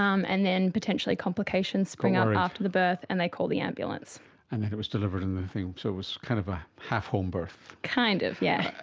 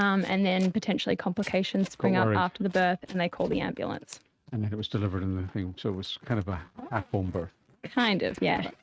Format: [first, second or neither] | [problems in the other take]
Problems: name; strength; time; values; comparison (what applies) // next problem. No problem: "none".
first | noise reduction (neural mask model RNNoise)